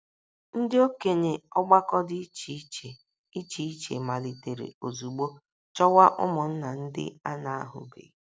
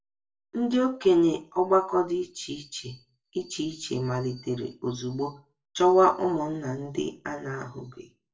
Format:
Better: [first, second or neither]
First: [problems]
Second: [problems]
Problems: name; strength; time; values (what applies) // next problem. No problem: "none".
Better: first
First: none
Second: room echo; dies away in 0.2 s